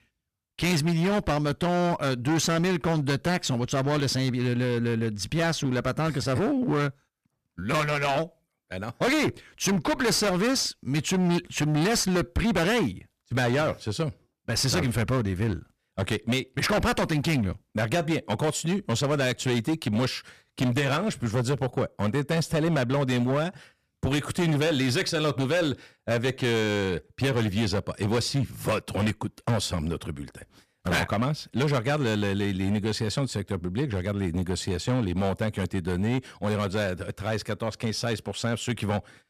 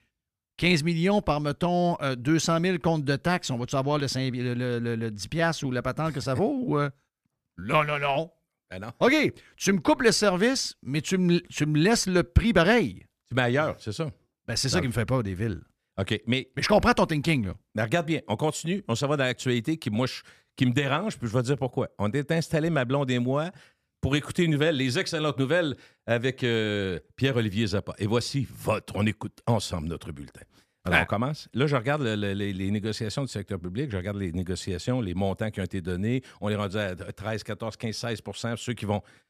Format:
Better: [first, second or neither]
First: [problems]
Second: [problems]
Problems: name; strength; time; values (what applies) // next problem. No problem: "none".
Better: second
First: distortion; heavy; 16% of the sound clipped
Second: none